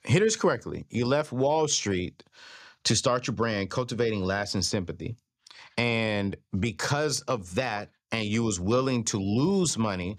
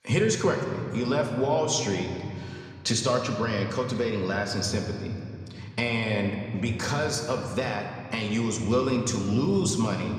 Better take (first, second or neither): first